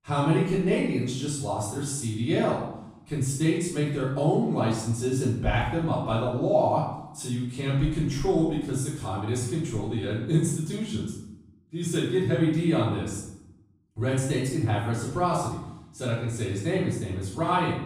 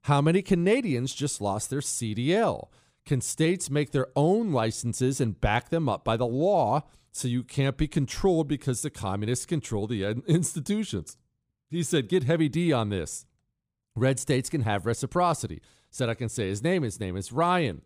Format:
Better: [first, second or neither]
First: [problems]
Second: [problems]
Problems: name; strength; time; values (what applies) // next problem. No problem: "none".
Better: second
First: room echo; noticeable; dies away in 0.7 s // off-mic speech; far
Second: none